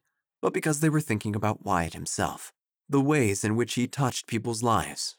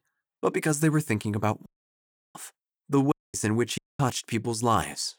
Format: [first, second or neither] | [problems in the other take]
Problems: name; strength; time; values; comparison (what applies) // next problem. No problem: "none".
first | audio cutting out; at 1.5 s for 0.5 s, at 3 s and at 4 s